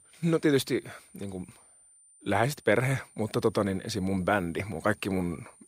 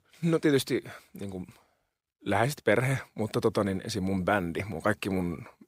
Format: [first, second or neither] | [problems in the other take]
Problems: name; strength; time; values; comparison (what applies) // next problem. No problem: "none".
second | high-pitched whine; faint; throughout; 9 kHz, 25 dB below the speech